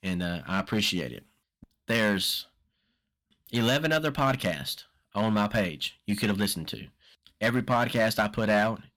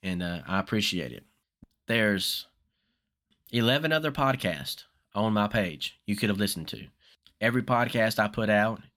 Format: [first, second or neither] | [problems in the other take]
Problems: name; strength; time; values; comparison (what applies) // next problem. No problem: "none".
second | distortion; slight; 3% of the sound clipped